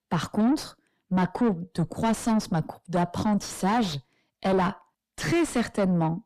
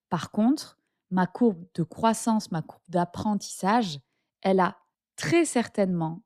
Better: second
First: distortion; heavy; 6 dB below the speech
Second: none

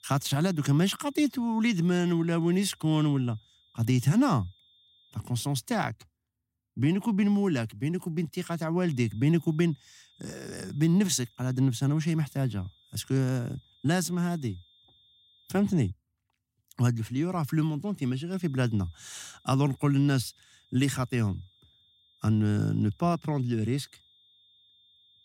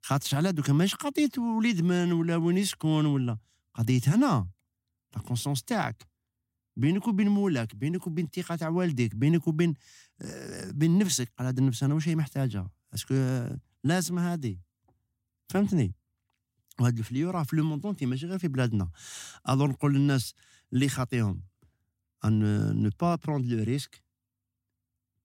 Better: second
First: high-pitched whine; faint; until 5 s, from 9 to 16 s and from 18 s on; 3.5 kHz, 35 dB below the speech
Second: none

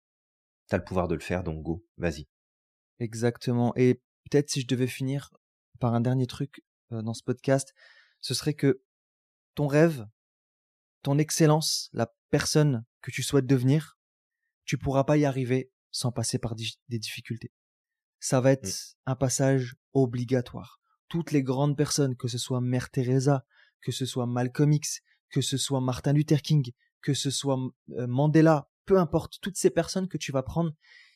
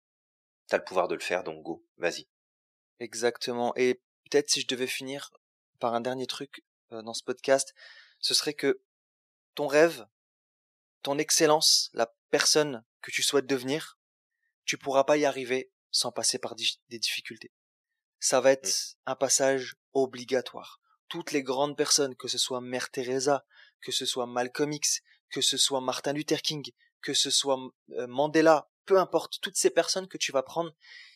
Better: first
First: none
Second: thin; somewhat; fading below 500 Hz

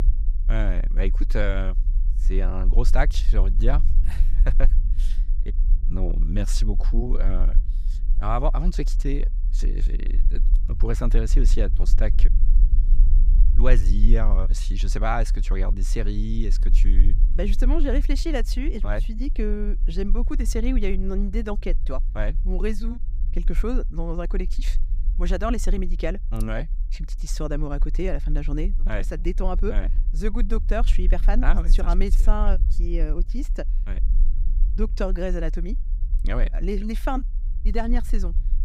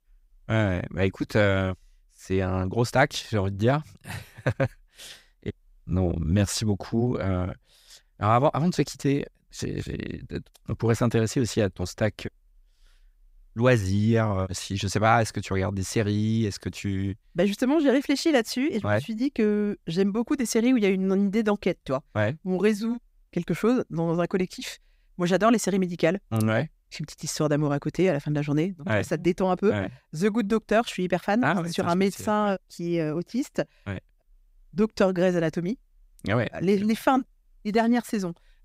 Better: second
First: low rumble; noticeable; throughout; 20 dB below the speech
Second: none

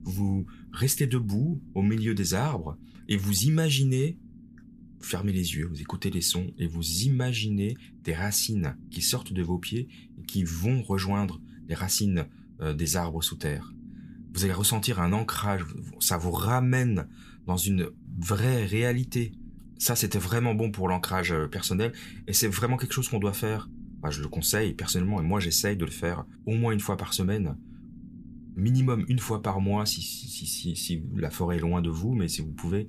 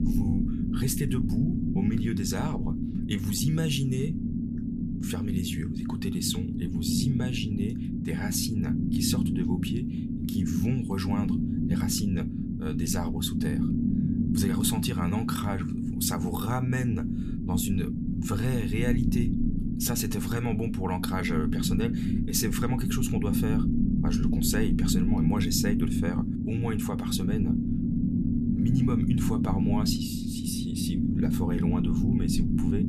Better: first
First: low rumble; faint; throughout; 25 dB below the speech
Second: low rumble; loud; throughout; as loud as the speech

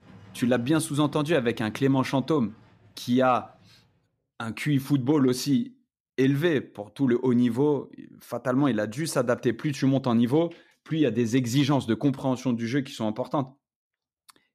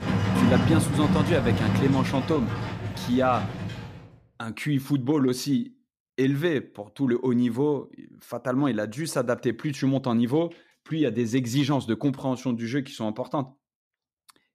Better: first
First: animal sounds; faint; until 4 s; 25 dB below the speech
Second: animal sounds; loud; until 4 s; as loud as the speech

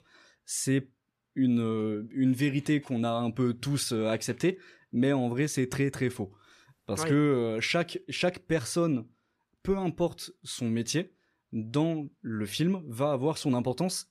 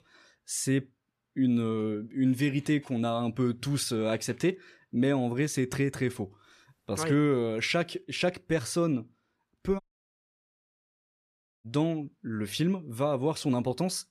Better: first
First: none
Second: audio cutting out; at 10 s for 2 s

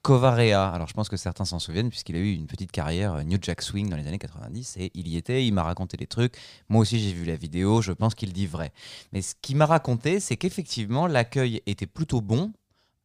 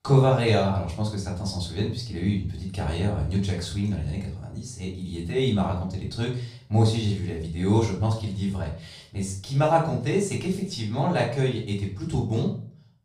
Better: first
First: none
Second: off-mic speech; far // room echo; slight; dies away in 0.4 s

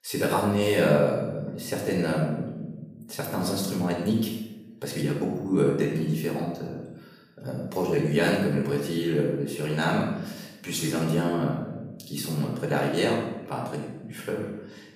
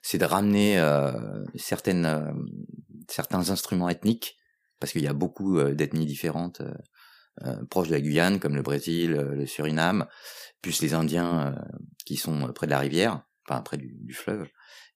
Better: second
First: off-mic speech; far // room echo; noticeable; dies away in 0.8 s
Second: none

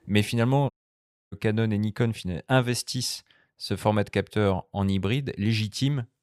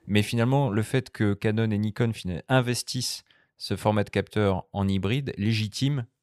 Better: second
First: audio cutting out; at 0.5 s for 0.5 s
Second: none

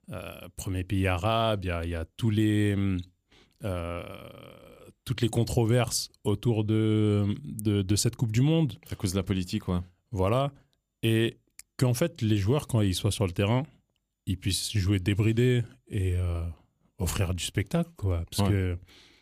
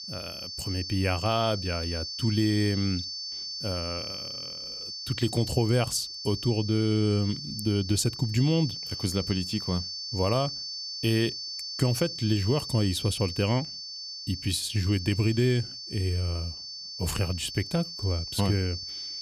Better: first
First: none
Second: high-pitched whine; loud; throughout; 4.5 kHz, 7 dB below the speech

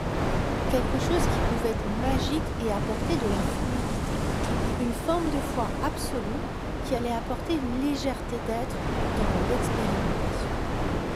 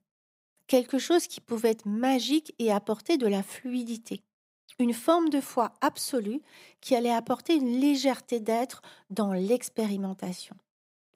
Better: second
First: wind noise on the microphone; heavy; 1 dB above the speech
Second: none

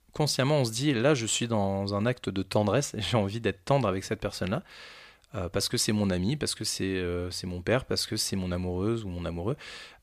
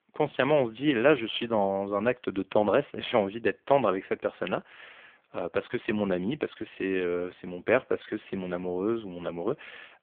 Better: first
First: none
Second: phone-call audio; poor line

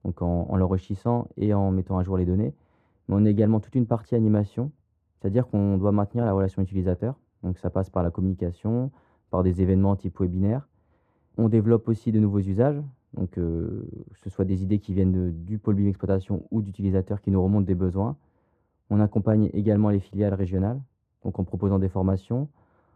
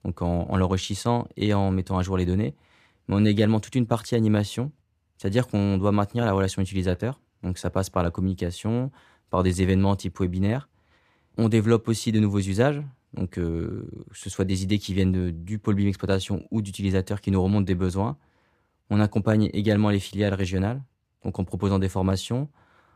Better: second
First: muffled; very; fading above 1.5 kHz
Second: none

